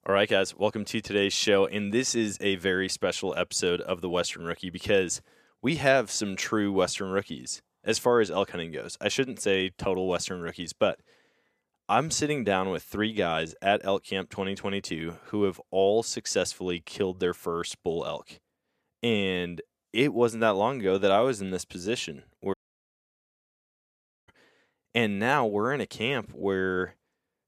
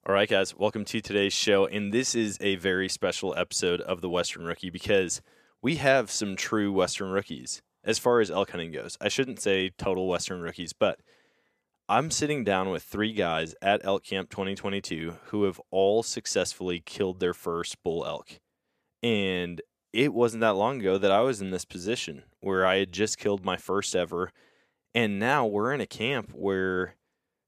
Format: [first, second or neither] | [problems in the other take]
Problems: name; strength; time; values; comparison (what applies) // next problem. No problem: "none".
second | audio cutting out; at 23 s for 1.5 s